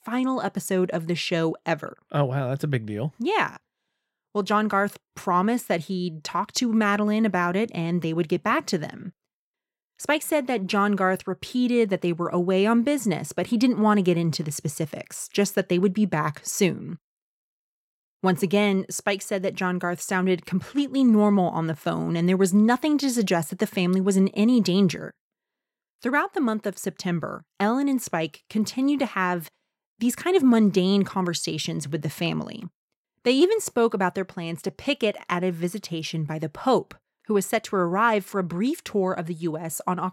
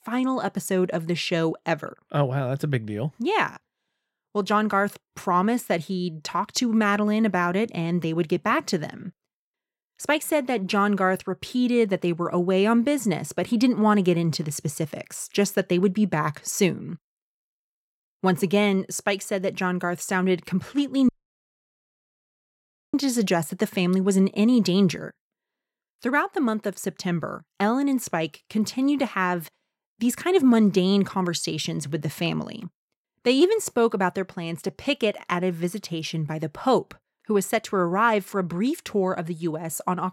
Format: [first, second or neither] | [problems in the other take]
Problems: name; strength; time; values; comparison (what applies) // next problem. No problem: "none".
first | audio cutting out; at 21 s for 2 s